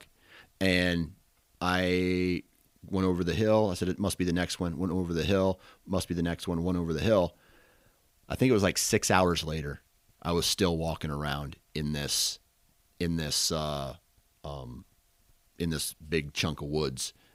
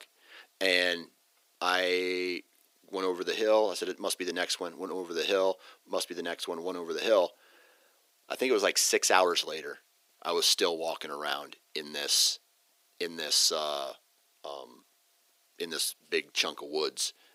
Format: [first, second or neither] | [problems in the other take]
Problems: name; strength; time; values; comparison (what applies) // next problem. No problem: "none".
first | thin; very; fading below 350 Hz